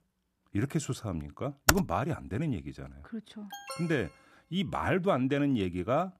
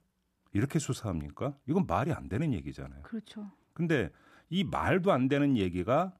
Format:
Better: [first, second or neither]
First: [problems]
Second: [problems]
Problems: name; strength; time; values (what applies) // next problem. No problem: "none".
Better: second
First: keyboard typing; very faint; at 1.5 s; peak 5 dB above the speech // alarm; noticeable; at 3.5 s; peak 10 dB below the speech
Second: none